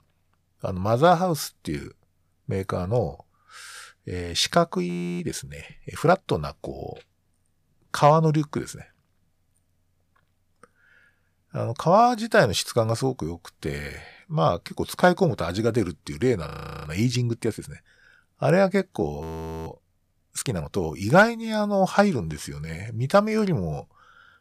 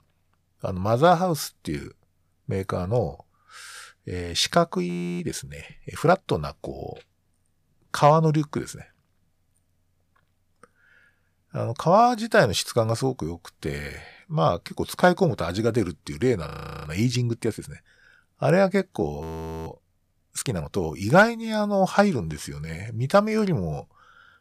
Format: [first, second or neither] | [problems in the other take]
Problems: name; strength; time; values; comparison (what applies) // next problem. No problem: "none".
neither | audio freezing; at 5 s, at 16 s and at 19 s; the same in both